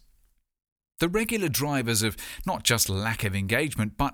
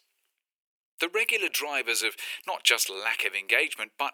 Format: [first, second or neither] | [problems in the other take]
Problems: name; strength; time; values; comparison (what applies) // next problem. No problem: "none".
first | thin; very; fading below 350 Hz